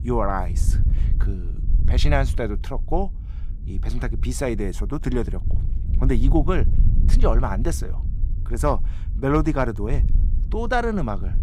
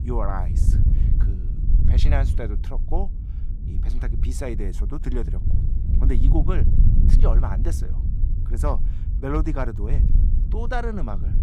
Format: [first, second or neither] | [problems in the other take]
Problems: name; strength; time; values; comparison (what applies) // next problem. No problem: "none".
first | wind noise on the microphone; heavy; 8 dB below the speech; occasional gusts in the first